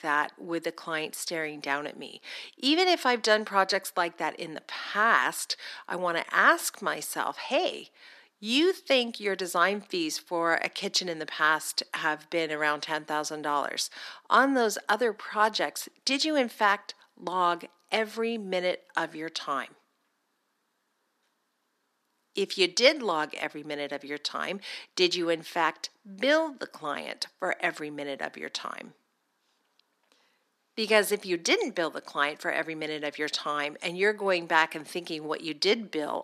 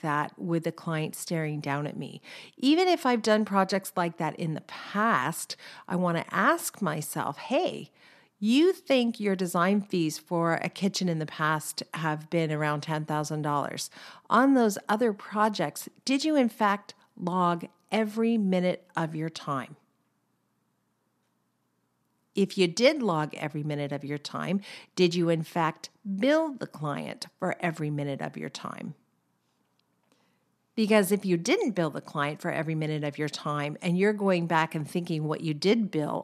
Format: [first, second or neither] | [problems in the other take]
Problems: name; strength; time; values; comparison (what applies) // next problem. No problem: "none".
second | thin; somewhat; fading below 300 Hz